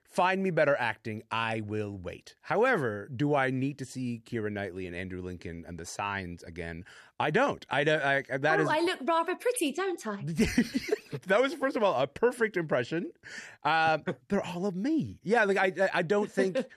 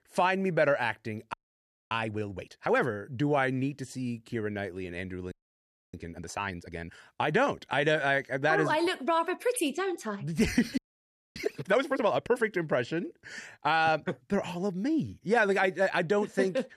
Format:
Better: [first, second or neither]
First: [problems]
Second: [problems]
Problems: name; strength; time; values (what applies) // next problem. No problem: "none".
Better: first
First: none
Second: audio freezing; at 1.5 s for 0.5 s, at 5.5 s for 0.5 s and at 11 s for 0.5 s